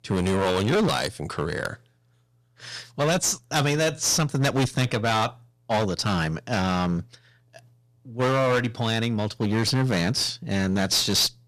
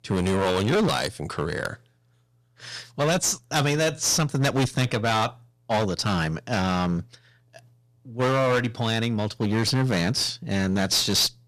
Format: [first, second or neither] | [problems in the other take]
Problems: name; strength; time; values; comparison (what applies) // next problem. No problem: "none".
neither | distortion; heavy; 16% of the sound clipped; the same in both